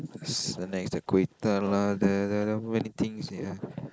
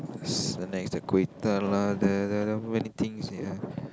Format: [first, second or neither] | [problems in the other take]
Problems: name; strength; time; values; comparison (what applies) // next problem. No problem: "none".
second | noise reduction (neural mask model Resemble Enhance denoiser)